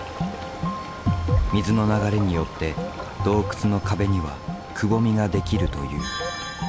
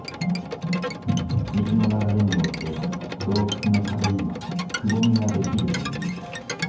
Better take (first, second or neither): first